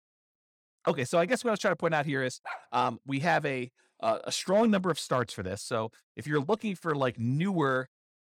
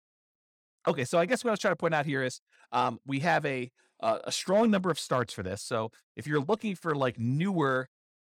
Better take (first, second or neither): second